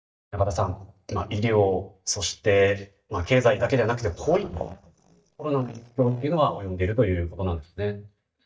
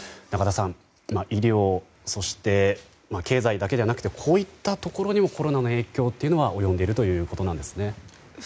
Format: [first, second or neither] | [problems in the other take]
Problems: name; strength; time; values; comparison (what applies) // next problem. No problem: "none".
second | noise reduction (neural mask model DeepFilterNet 3)